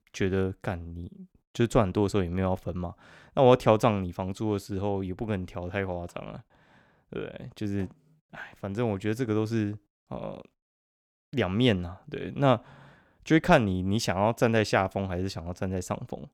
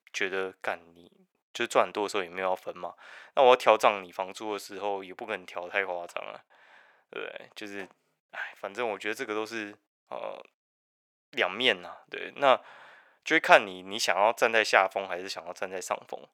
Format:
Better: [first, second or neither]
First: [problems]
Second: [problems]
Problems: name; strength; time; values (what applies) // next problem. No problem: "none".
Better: first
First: none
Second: thin; very; fading below 650 Hz